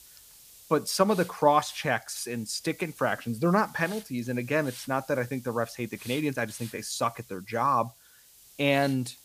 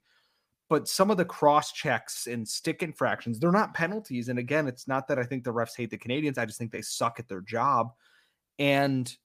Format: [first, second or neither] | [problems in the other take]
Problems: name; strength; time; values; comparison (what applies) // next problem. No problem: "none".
second | hiss; noticeable; throughout; 20 dB below the speech